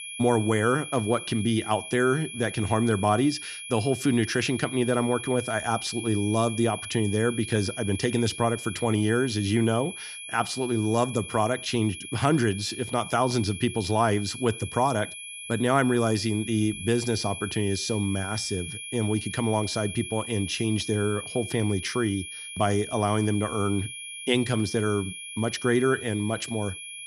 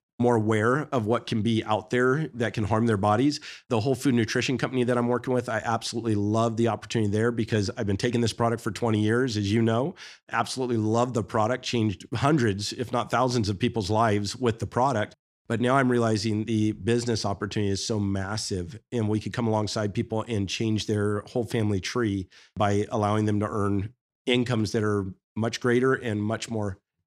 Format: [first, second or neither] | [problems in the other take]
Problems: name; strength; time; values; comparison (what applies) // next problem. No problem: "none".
second | high-pitched whine; loud; throughout; 2.5 kHz, 9 dB below the speech